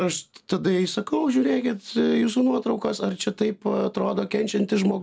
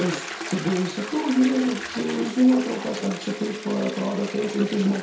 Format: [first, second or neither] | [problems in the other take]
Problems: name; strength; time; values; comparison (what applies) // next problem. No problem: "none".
first | background sound (Toilet flush); 12 dB below the speech // room echo; dies away in 0.6 s